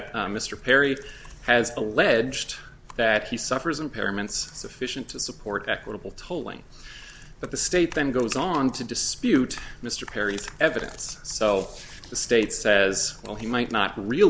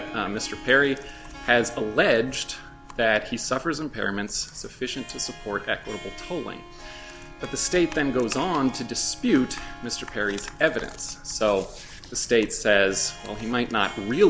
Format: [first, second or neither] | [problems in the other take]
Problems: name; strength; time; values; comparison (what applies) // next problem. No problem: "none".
first | background sound (Harp); 18 dB below the speech